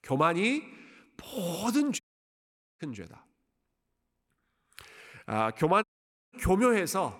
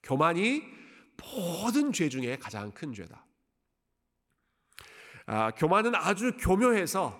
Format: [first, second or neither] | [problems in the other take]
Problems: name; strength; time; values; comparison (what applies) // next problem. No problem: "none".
second | audio cutting out; at 2 s for 1 s and at 6 s